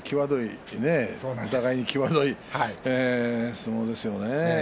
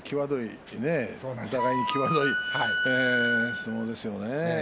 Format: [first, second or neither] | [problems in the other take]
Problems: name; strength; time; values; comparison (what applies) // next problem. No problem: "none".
first | background sound (Wind instrument, woodwind instrument); 1 dB above the speech